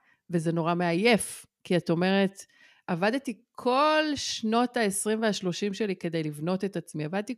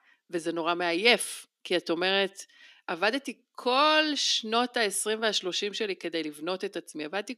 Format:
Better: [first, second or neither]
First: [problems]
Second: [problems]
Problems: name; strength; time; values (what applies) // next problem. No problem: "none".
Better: first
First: none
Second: thin; somewhat; fading below 300 Hz